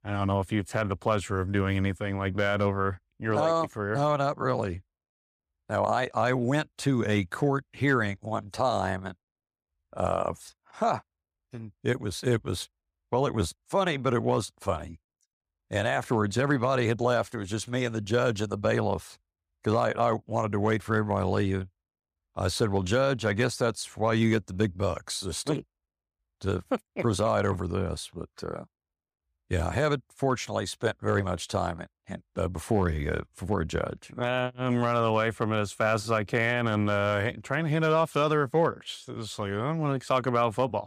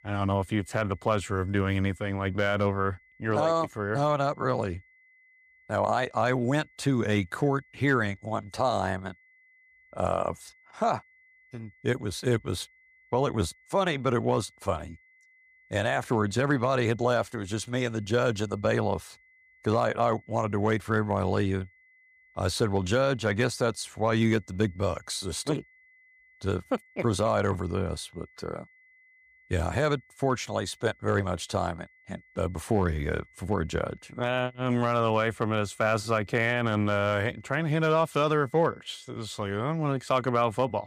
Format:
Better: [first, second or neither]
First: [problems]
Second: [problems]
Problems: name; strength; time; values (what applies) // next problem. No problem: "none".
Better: first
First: none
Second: high-pitched whine; faint; throughout; 2 kHz, 30 dB below the speech